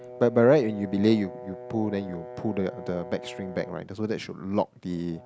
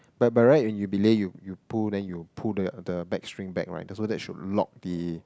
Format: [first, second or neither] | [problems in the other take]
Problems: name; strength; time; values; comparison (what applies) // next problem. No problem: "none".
second | background sound (Brass instrument); 15 dB below the speech